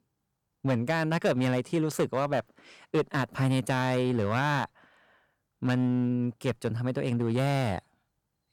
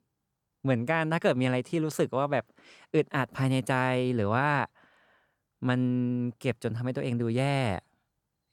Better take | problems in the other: second | distortion; slight; 5% of the sound clipped

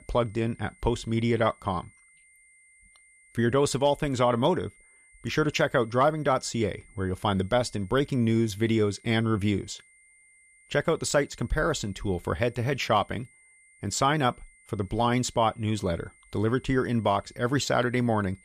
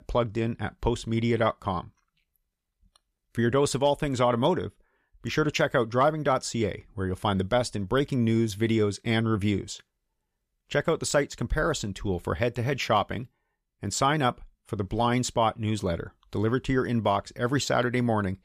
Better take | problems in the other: second | high-pitched whine; faint; throughout; 2 kHz, 30 dB below the speech

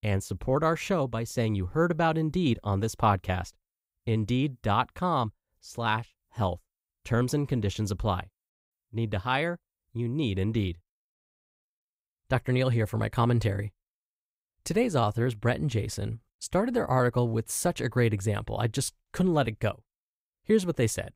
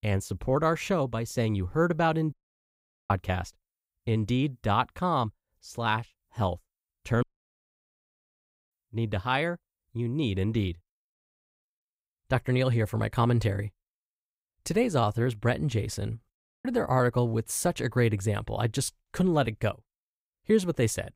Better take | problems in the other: first | audio cutting out; at 2.5 s for 1 s, at 7 s for 1.5 s and at 16 s

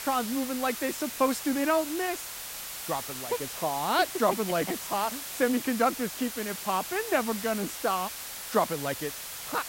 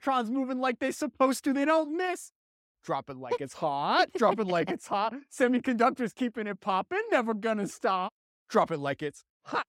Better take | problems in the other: second | hiss; loud; throughout; 6 dB below the speech

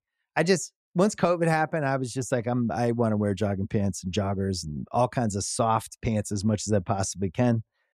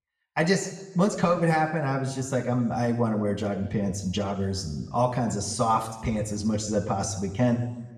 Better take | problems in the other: first | room echo; slight; dies away in 1 s

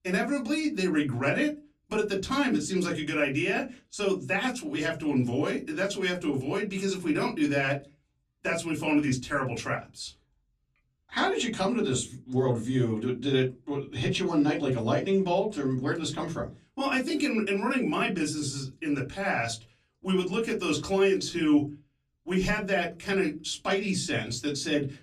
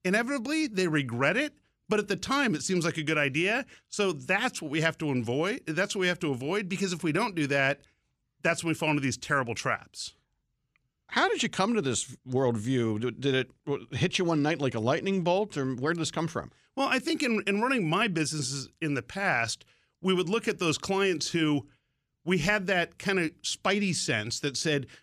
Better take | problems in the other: second | off-mic speech; far // room echo; very slight; dies away in 0.2 s

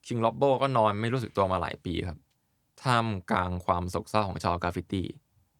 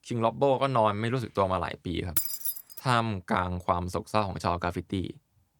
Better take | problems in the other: first | jangling keys; loud; at 2 s; peak 2 dB above the speech

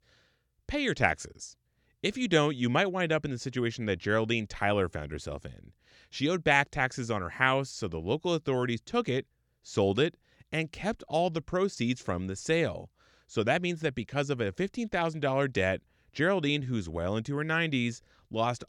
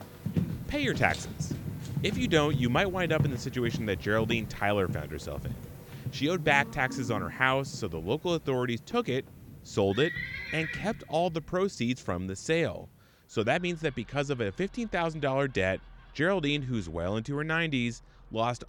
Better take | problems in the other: first | animal sounds; loud; throughout; 7 dB below the speech

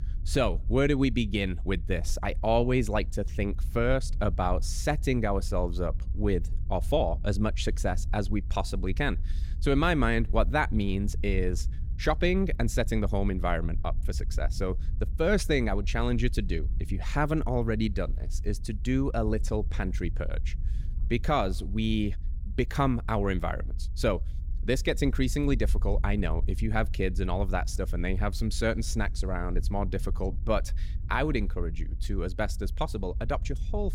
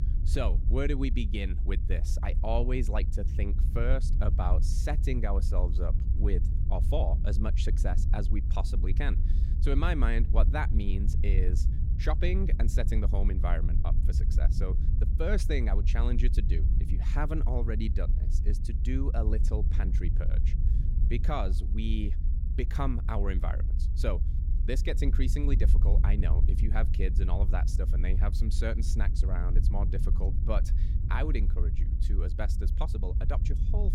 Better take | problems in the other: first | low rumble; loud; throughout; 9 dB below the speech; faint in the first

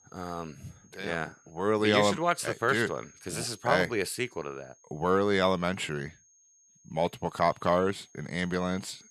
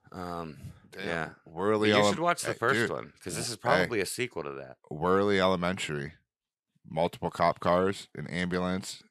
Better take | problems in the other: second | high-pitched whine; faint; throughout; 6.5 kHz, 30 dB below the speech

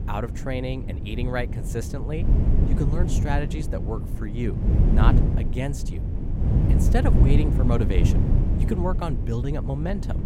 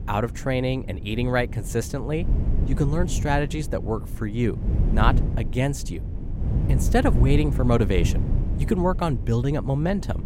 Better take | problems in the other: second | wind noise on the microphone; heavy; 4 dB below the speech; occasional gusts in the second

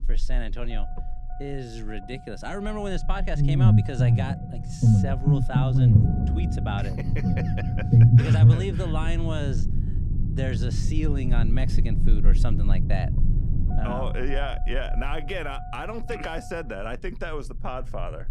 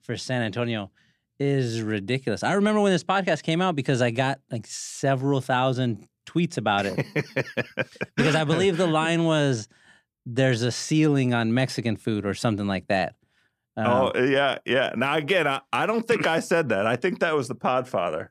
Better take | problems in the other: second | low rumble; loud; throughout; 1 dB below the speech

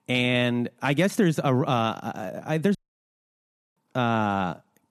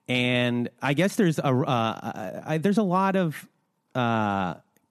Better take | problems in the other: second | audio cutting out; at 3 s for 1 s

